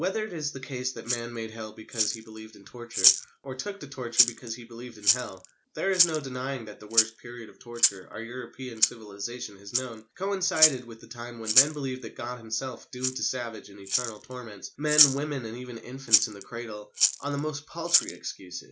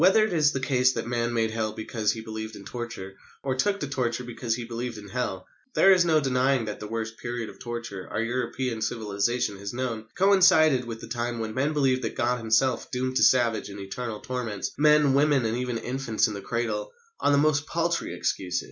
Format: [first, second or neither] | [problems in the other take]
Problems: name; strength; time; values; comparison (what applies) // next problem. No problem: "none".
second | background sound (Rattle (instrument)); 3 dB above the speech